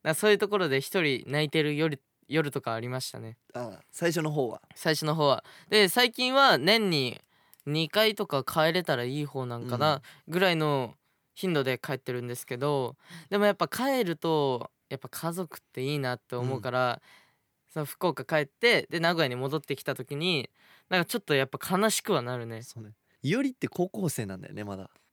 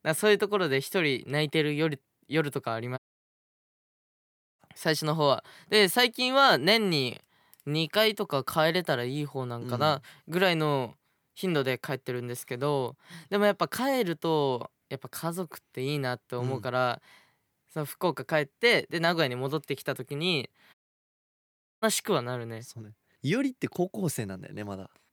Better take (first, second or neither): first